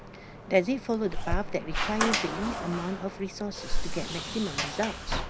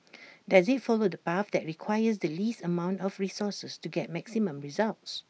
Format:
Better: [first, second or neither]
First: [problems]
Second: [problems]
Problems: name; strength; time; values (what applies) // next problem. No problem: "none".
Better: second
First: background sound (Sliding door + Zipper (clothing)); as loud as the speech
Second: none